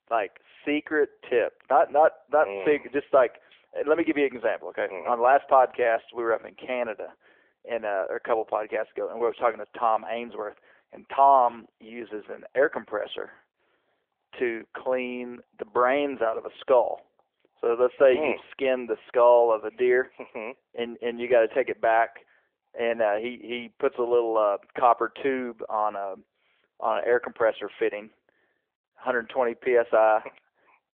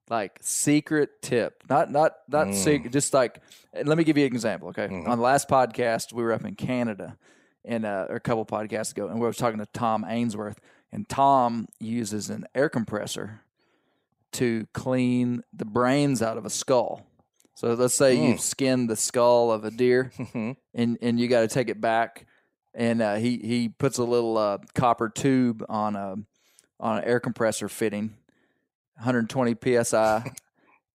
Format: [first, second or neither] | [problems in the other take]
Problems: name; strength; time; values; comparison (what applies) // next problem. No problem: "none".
second | phone-call audio; nothing above 3 kHz